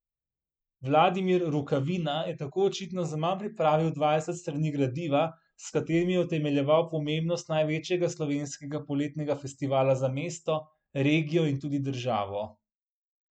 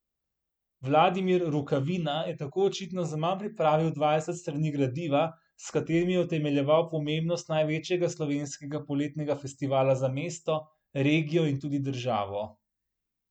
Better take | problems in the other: second | noise reduction (neural mask model Resemble Enhance denoiser)

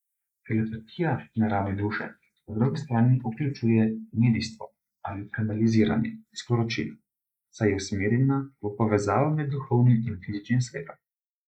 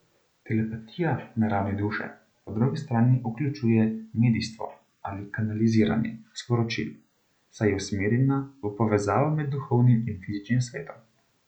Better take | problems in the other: second | noise reduction (neural mask model Resemble Enhance denoiser)

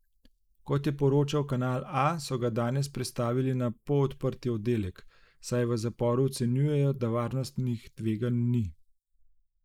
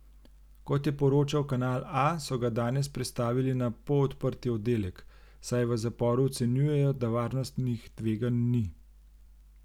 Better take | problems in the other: second | noise reduction (neural mask model Resemble Enhance denoiser)

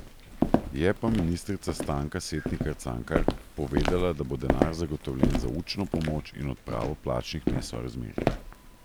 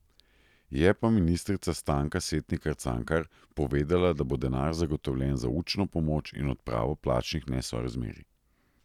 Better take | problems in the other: second | background sound (Walk, footsteps); as loud as the speech

